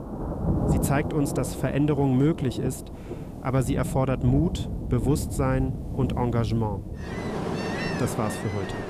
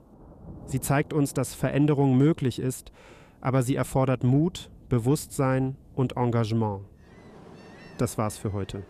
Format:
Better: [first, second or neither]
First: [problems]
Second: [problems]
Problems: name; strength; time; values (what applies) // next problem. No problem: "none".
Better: second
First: rain or running water; loud; throughout; 4 dB below the speech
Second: rain or running water; faint; throughout; 25 dB below the speech